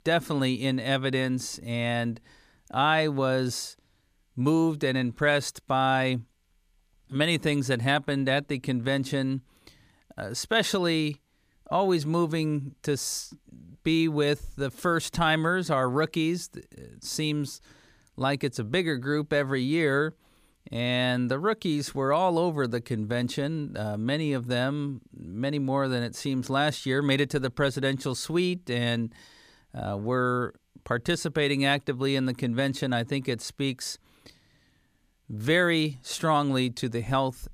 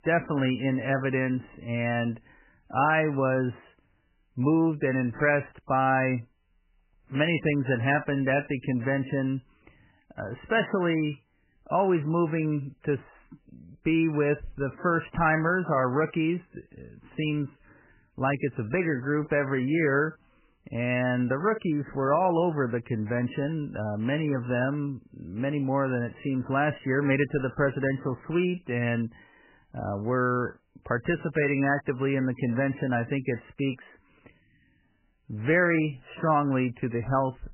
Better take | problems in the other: first | garbled, watery; badly; nothing above 3 kHz

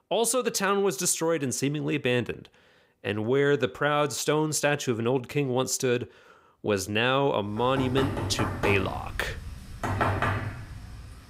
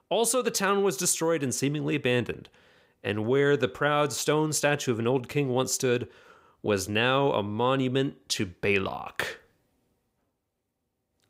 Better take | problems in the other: second | door banging; loud; from 7.5 s on; peak 1 dB above the speech

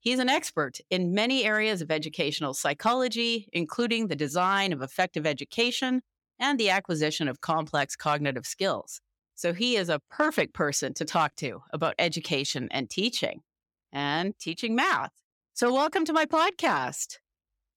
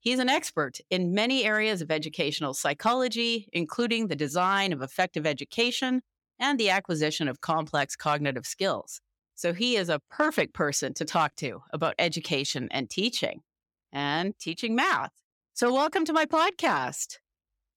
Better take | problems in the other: neither | none

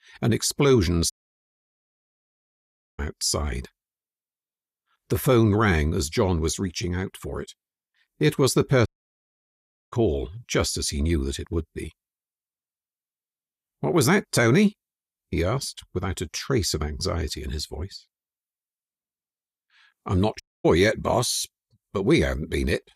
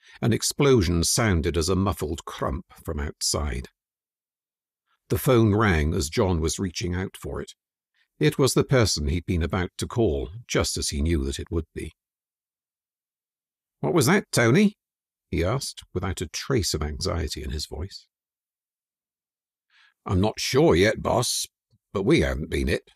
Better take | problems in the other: second | audio cutting out; at 1 s for 2 s, at 9 s for 1 s and at 20 s

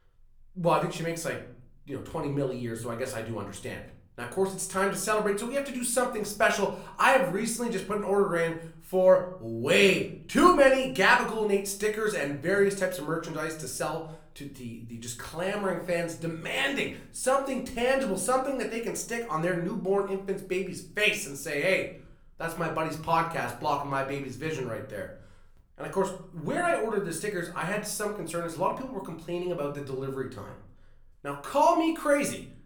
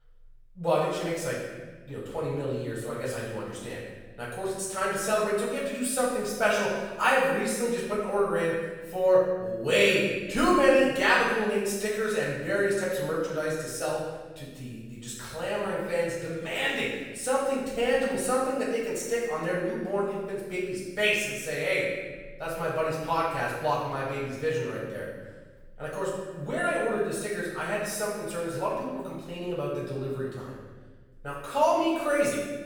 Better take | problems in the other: first | room echo; strong; dies away in 1.2 s; slight in the first // off-mic speech; far; somewhat distant in the first

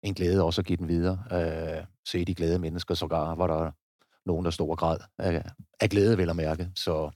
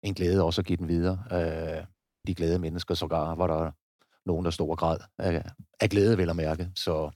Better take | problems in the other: first | audio cutting out; at 2 s

